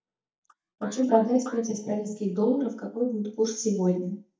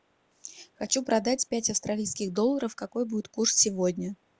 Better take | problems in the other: second | noise reduction (neural mask model DeepFilterNet 3)

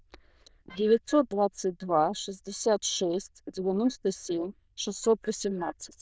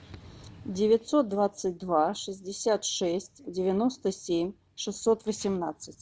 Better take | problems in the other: second | noise reduction (neural diffusion model UNIVERSE++)

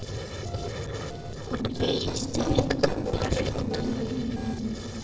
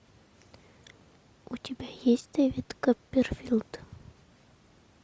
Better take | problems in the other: second | noise reduction (neural separator model SepFormer DNS4)

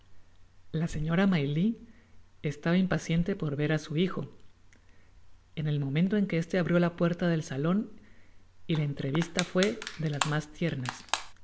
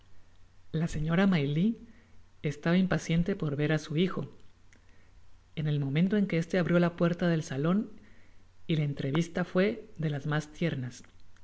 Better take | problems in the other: second | background sound (Crushing); 8 dB below the speech

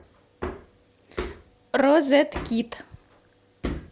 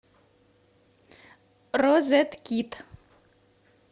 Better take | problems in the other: second | background sound (Hammer); 11 dB below the speech

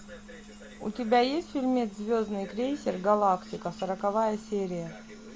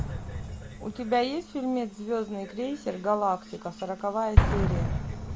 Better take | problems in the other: first | background sound (Explosion); 1 dB above the speech

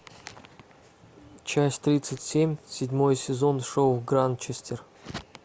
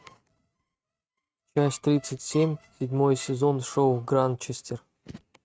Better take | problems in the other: first | noise reduction (neural mask model RNNoise)

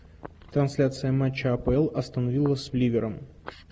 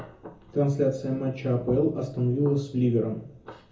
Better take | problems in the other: first | room echo; dies away in 0.6 s

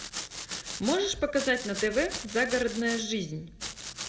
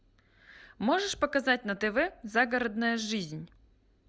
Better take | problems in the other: second | background sound (Domestic sounds, home sounds); 9 dB below the speech // room echo; dies away in 0.7 s

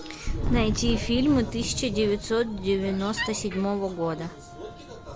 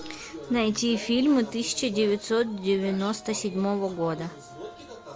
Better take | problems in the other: second | background sound (Thunder + Wood); 5 dB below the speech

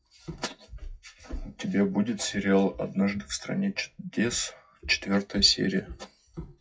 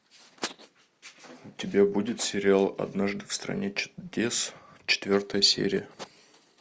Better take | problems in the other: second | noise reduction (classical method WPE with log-MMSE)

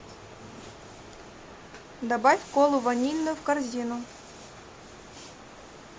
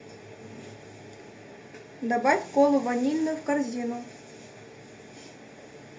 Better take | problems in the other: first | room echo; dies away in 0.3 s

